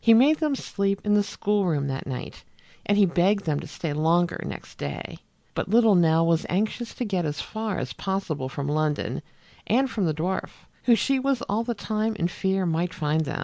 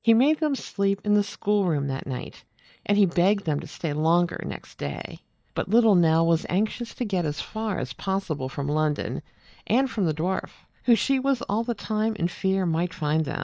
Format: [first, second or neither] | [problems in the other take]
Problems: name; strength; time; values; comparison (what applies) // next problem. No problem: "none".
first | noise reduction (neural mask model DeepFilterNet 3)